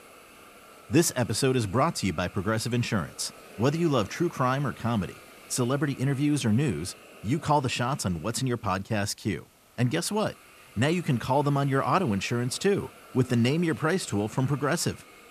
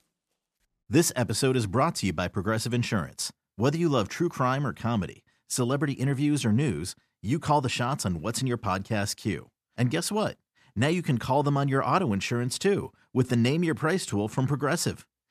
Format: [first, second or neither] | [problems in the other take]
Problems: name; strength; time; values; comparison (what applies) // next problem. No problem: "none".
second | hiss; faint; throughout; 20 dB below the speech